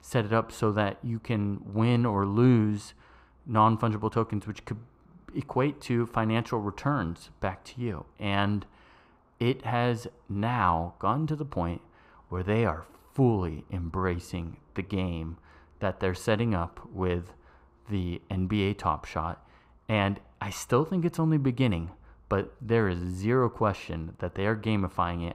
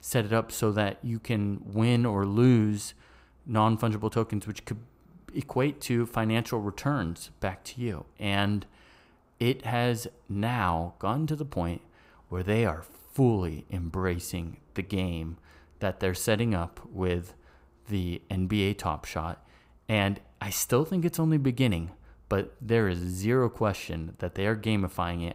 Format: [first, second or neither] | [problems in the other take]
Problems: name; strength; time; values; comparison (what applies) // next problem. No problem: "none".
second | muffled; slightly; fading above 1.5 kHz